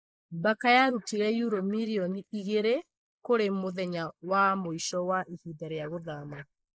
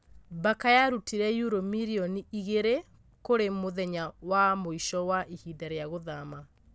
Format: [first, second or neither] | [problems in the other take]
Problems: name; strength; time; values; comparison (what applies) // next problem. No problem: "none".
second | noise reduction (neural mask model Resemble Enhance denoiser)